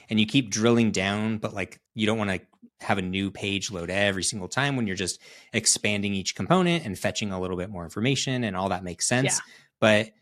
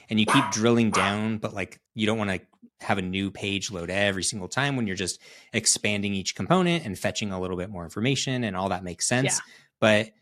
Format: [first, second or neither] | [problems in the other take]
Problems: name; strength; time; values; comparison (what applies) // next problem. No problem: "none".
first | dog barking; loud; at 0.5 s; peak 1 dB above the speech